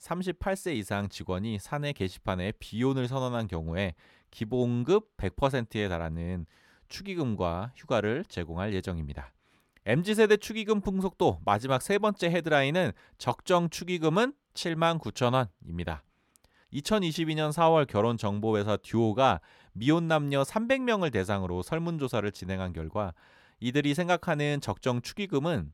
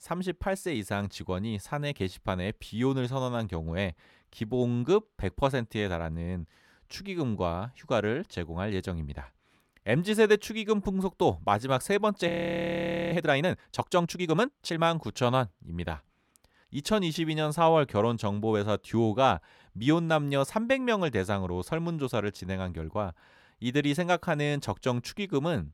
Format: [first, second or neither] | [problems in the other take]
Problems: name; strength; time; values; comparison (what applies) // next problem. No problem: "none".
first | audio freezing; at 12 s for 1 s